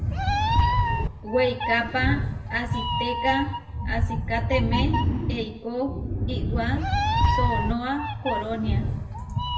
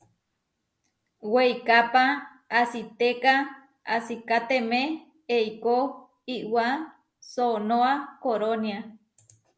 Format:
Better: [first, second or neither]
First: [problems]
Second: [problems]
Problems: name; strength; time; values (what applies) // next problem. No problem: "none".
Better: second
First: background sound (Meow); 4 dB above the speech // room echo; dies away in 1.1 s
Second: none